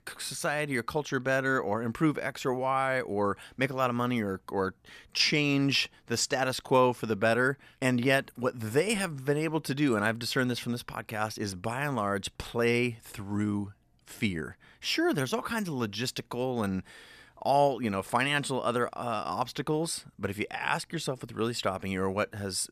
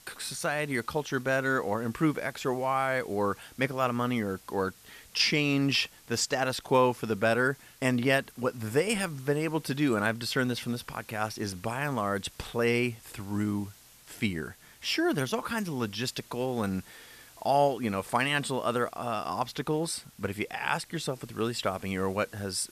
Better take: first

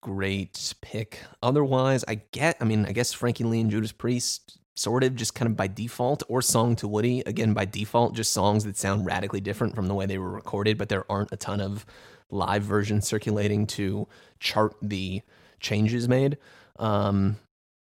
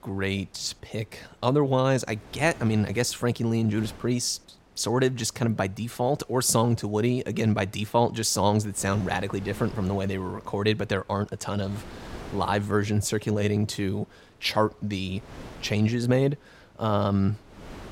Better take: first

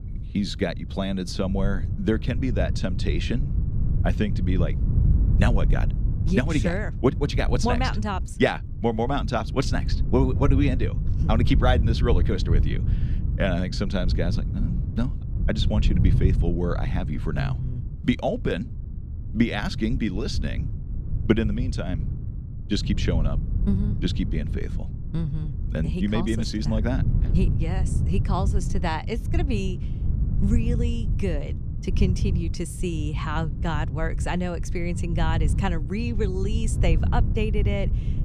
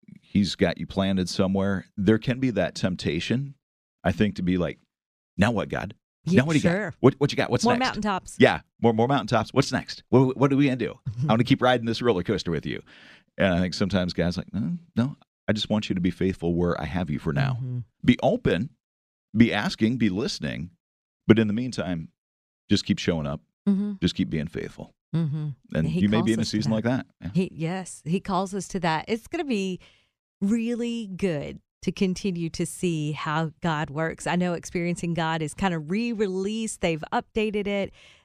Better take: second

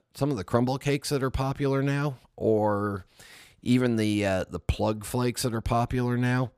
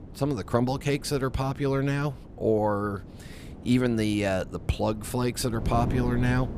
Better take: first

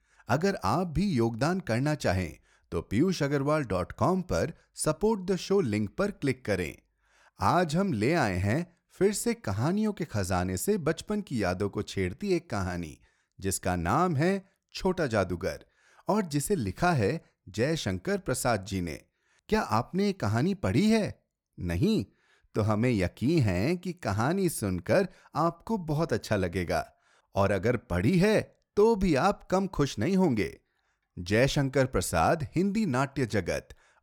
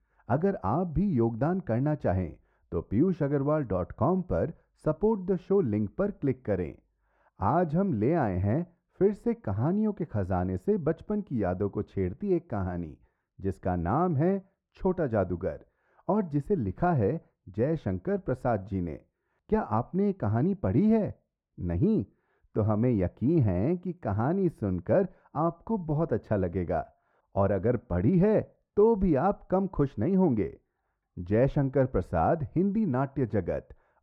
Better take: first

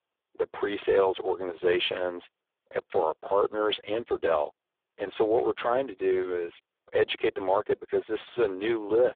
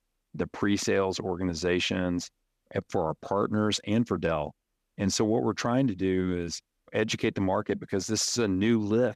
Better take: second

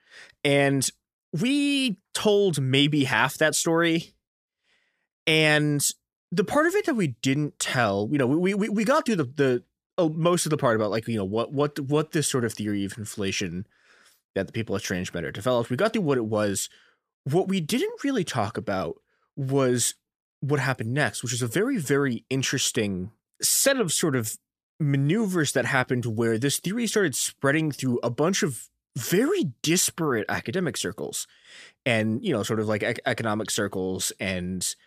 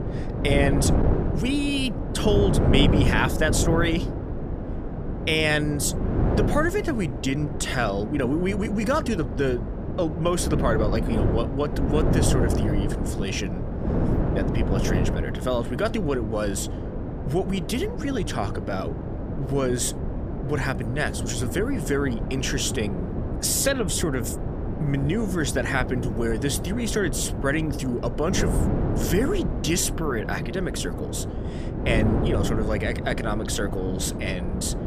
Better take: first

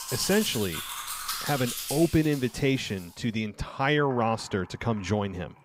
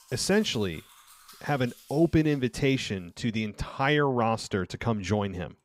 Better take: second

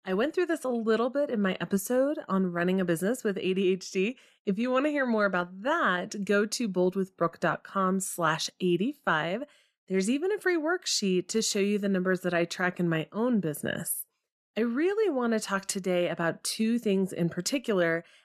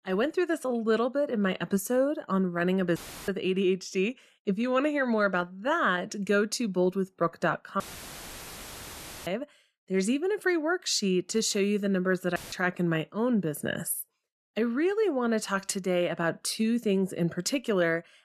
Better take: first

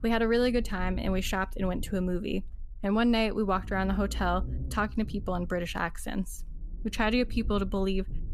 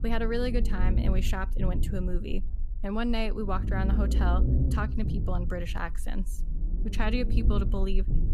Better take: first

